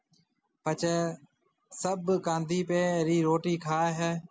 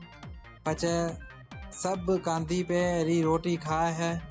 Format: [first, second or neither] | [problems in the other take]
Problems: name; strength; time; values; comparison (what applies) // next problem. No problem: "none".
first | background sound (Drum kit); 15 dB below the speech